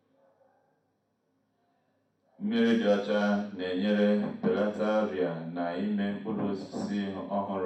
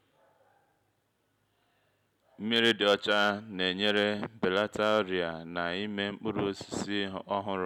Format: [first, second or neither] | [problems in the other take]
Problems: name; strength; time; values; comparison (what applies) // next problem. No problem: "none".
second | room echo; dies away in 0.6 s